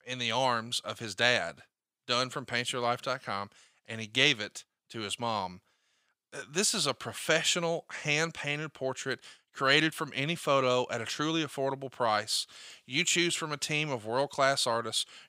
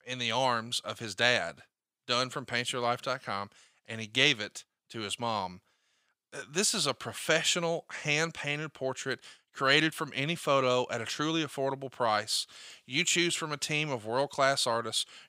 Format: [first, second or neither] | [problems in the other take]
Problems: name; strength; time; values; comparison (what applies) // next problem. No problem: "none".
neither | thin; somewhat; fading below 750 Hz; the same in both